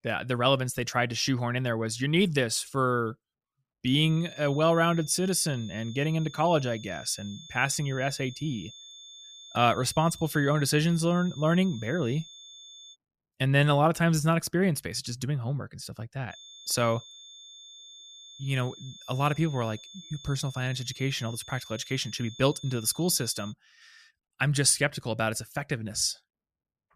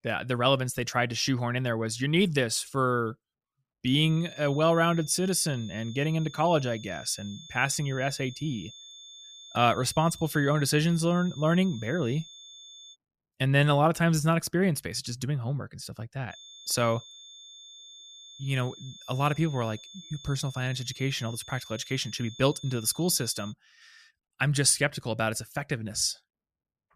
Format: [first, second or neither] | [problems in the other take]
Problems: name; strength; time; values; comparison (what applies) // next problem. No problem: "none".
neither | high-pitched whine; noticeable; from 4 to 13 s and from 16 to 24 s; 3.5 kHz, 20 dB below the speech; the same in both